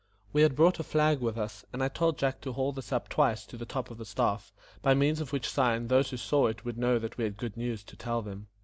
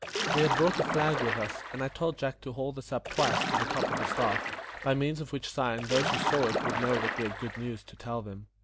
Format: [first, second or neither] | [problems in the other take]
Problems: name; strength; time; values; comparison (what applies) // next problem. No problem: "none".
first | background sound (Splash, splatter); 1 dB below the speech